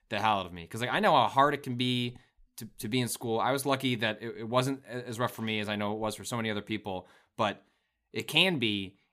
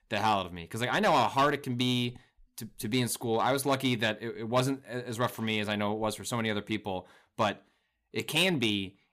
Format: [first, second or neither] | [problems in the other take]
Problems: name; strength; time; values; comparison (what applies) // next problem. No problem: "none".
first | distortion; slight; 2% of the sound clipped